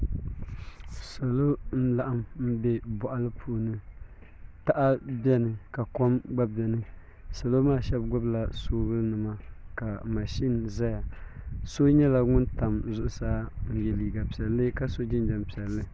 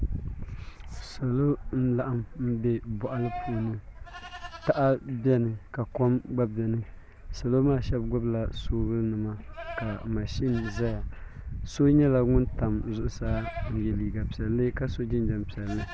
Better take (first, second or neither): first